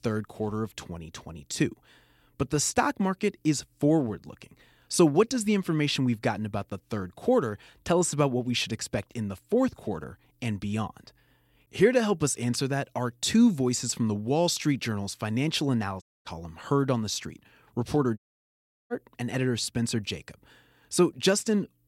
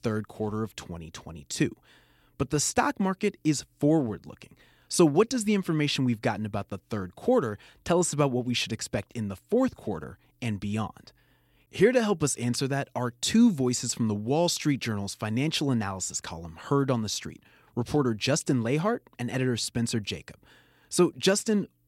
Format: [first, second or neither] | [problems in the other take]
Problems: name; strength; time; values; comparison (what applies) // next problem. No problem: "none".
second | audio cutting out; at 16 s and at 18 s for 0.5 s